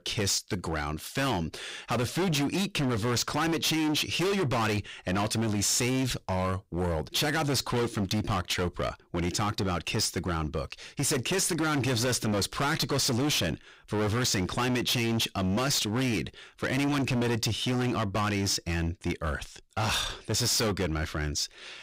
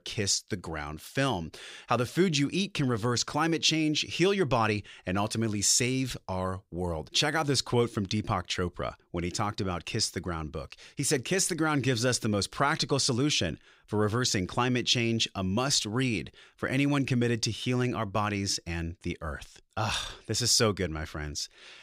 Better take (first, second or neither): second